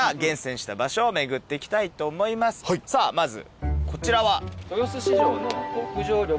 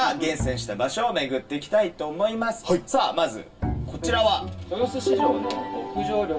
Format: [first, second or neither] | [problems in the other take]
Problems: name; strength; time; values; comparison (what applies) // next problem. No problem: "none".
first | background sound (Bowed string instrument); 10 dB below the speech // room echo; dies away in 0.2 s